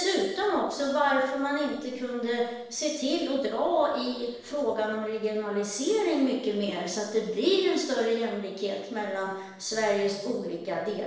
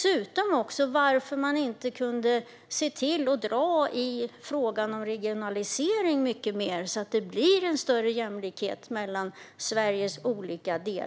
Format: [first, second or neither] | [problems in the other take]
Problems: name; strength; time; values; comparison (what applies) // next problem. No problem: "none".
second | noise reduction (neural separator model SepFormer DNS4)